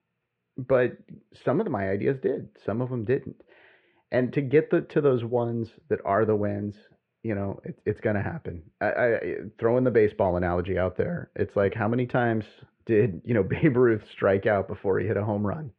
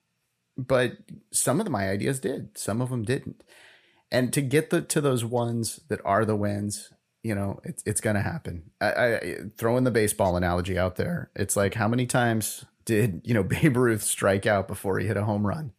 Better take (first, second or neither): second